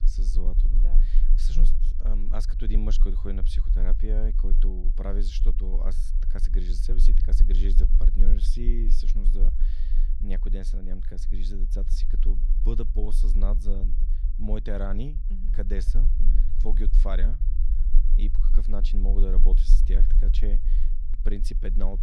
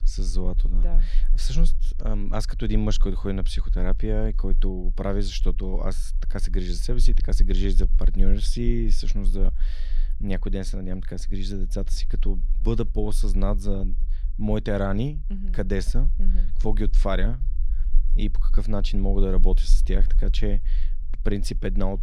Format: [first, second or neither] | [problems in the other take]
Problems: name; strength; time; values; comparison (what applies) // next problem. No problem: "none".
second | low rumble; loud; throughout; 10 dB below the speech; faint in the second